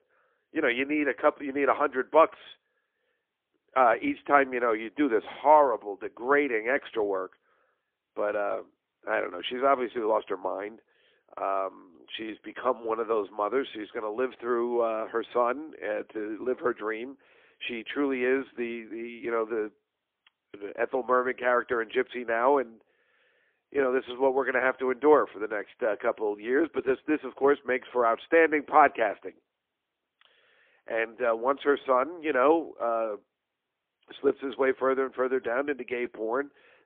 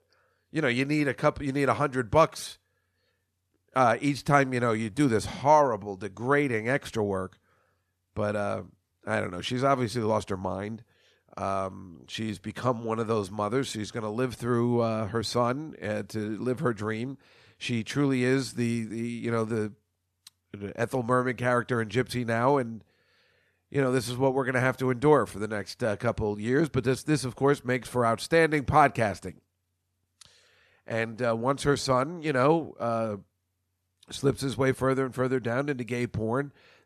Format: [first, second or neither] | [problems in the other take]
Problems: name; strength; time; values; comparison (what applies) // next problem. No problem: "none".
second | phone-call audio; poor line; nothing above 3.5 kHz